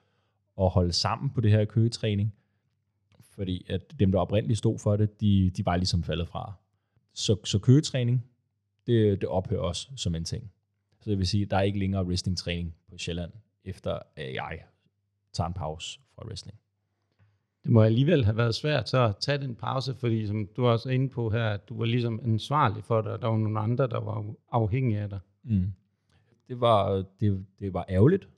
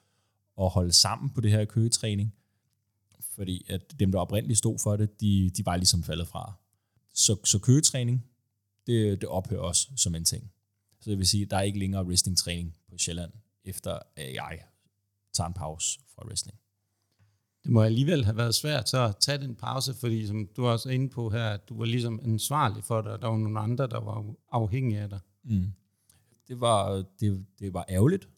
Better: second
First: muffled; slightly; fading above 2.5 kHz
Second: none

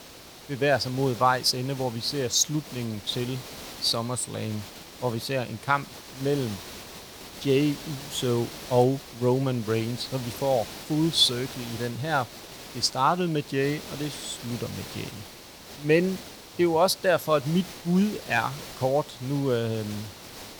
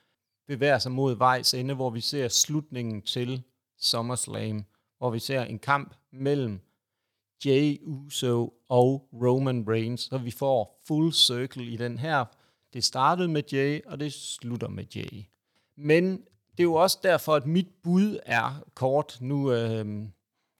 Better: second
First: hiss; noticeable; throughout; 15 dB below the speech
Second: none

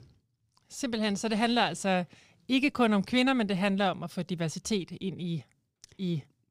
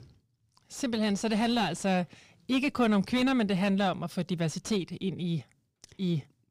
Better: first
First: none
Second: distortion; slight; 10 dB below the speech

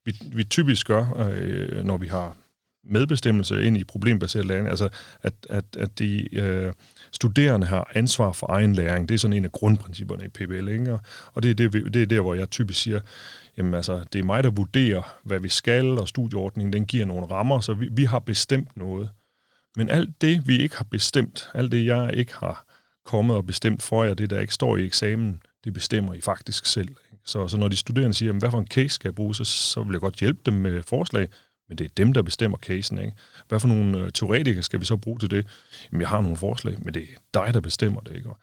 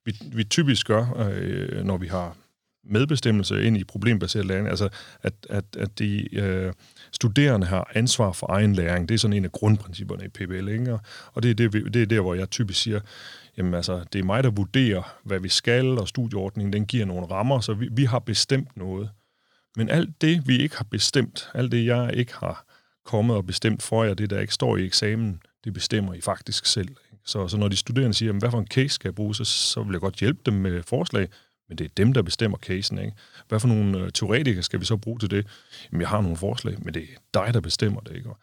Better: second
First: garbled, watery; slightly; nothing above 19 kHz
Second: none

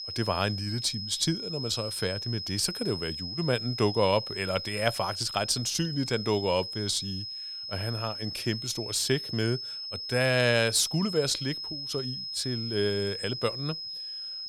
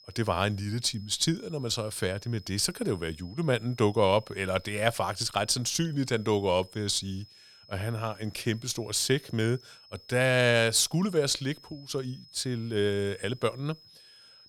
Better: second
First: high-pitched whine; loud; throughout; 5 kHz, 5 dB below the speech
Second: high-pitched whine; faint; throughout; 5 kHz, 25 dB below the speech

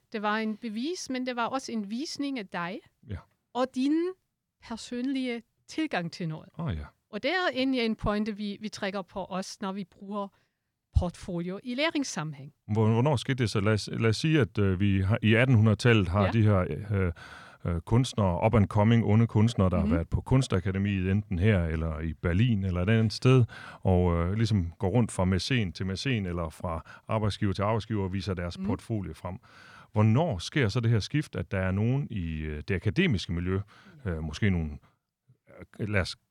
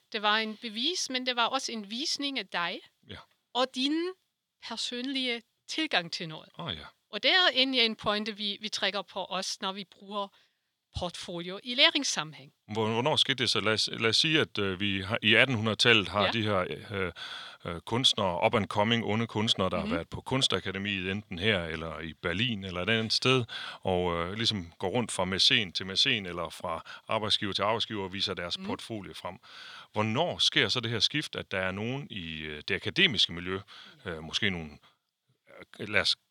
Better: first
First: none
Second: thin; somewhat; fading below 550 Hz

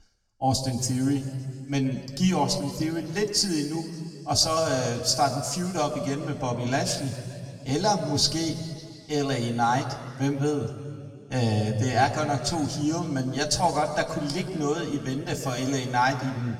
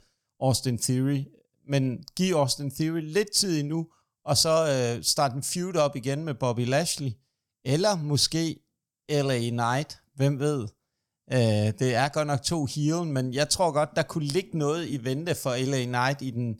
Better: second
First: room echo; slight; dies away in 2.1 s // off-mic speech; far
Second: none

